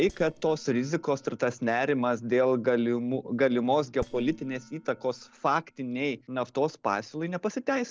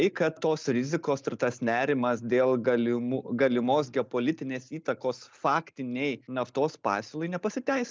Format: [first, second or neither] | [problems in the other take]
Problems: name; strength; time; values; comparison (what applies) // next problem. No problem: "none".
second | noise reduction (neural separator model SepFormer DNS4)